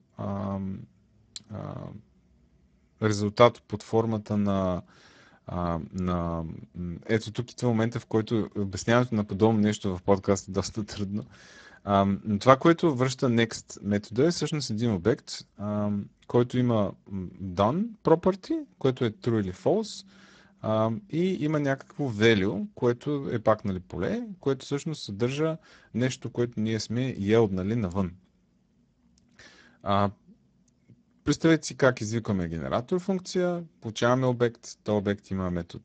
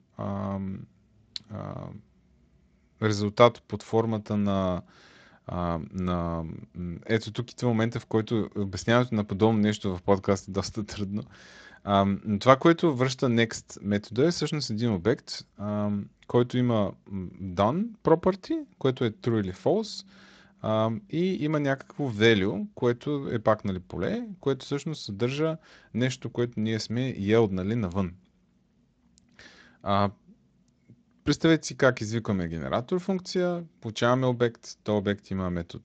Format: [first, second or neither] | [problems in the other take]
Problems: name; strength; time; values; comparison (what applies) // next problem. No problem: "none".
second | garbled, watery; badly; nothing above 7.5 kHz; slightly in the second